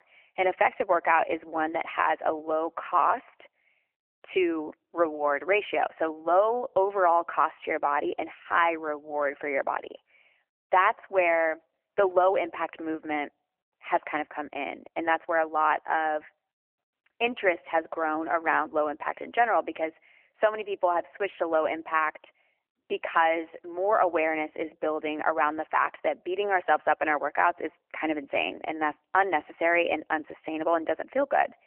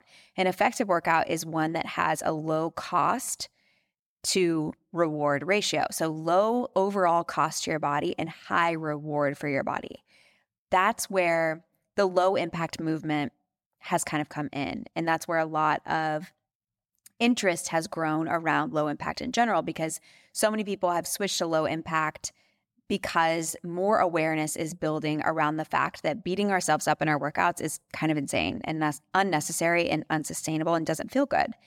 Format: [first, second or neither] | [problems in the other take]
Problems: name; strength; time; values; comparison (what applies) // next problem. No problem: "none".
second | phone-call audio; nothing above 3 kHz